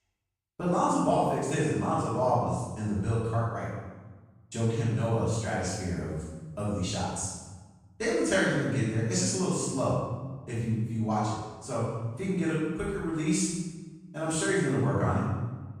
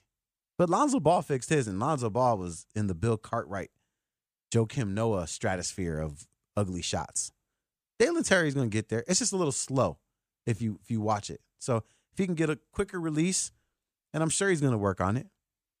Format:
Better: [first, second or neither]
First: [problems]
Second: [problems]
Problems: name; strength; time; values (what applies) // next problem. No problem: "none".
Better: second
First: off-mic speech; far // room echo; strong; dies away in 1.1 s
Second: none